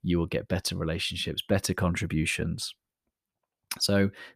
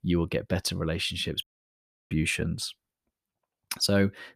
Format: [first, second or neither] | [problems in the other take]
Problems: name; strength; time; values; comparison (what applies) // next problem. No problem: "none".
first | audio cutting out; at 1.5 s for 0.5 s